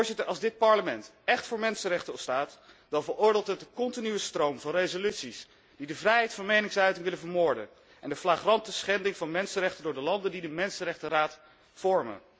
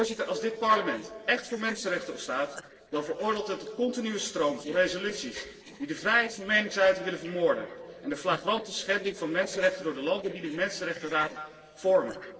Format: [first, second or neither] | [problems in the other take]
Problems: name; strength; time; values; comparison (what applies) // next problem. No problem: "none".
first | noise reduction (neural separator model SepFormer DNS4)